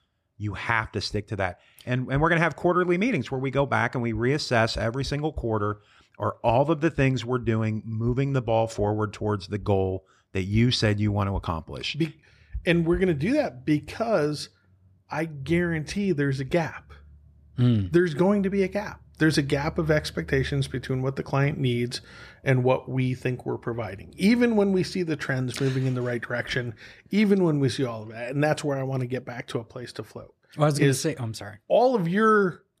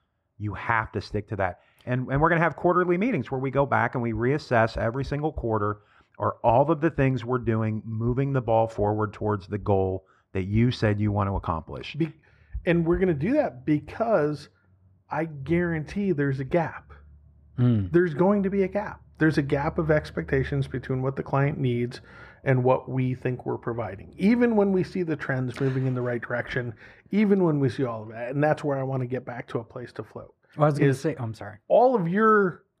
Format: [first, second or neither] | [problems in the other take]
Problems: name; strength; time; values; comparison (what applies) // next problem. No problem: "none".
first | muffled; slightly; fading above 2.5 kHz